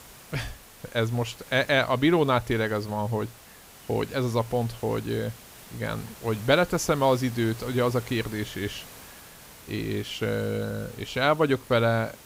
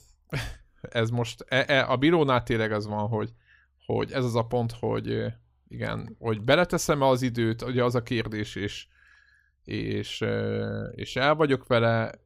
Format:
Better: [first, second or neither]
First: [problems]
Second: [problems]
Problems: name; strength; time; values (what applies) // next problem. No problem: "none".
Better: second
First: hiss; noticeable; throughout; 20 dB below the speech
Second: none